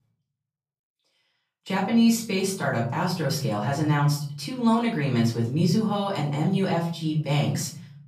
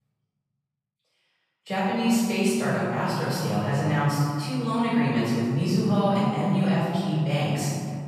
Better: first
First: room echo; slight; dies away in 0.5 s // off-mic speech; far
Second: room echo; strong; dies away in 2.2 s // off-mic speech; far

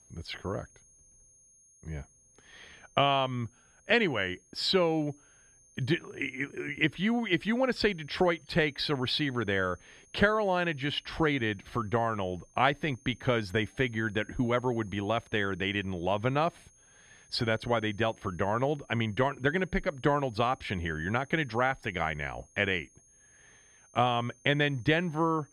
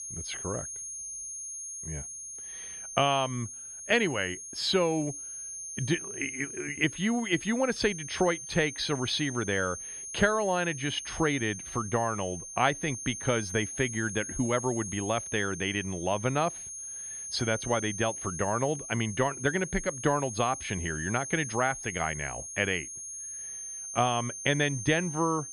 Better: first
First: high-pitched whine; faint; throughout; 6.5 kHz, 30 dB below the speech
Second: high-pitched whine; loud; throughout; 6.5 kHz, 8 dB below the speech

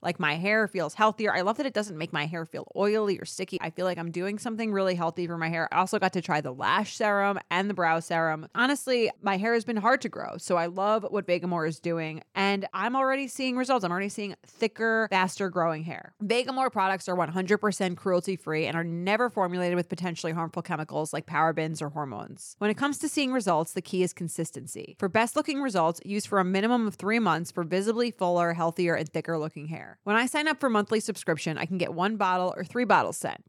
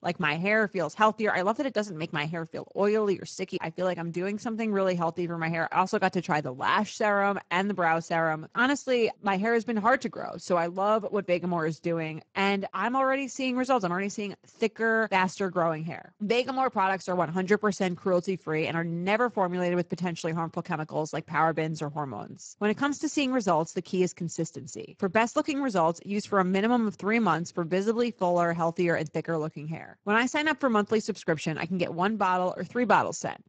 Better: first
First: none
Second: garbled, watery; badly; nothing above 7.5 kHz

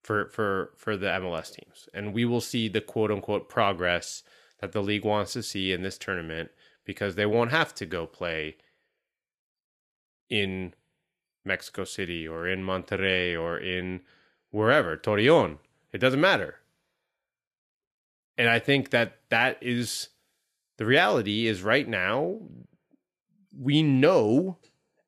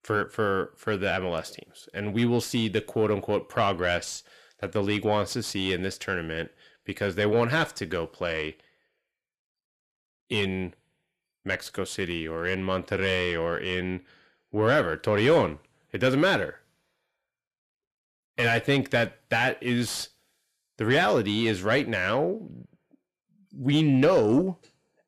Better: first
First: none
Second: distortion; slight; 10 dB below the speech

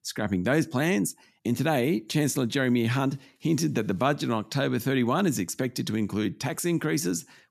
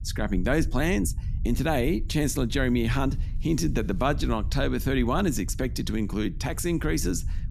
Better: first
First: none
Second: low rumble; faint; throughout; 20 dB below the speech

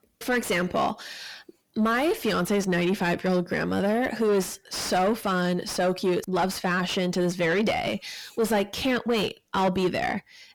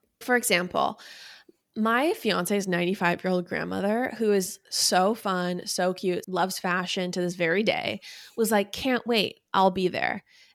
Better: second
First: distortion; heavy; 7 dB below the speech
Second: none

